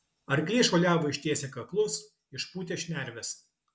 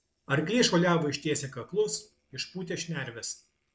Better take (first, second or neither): first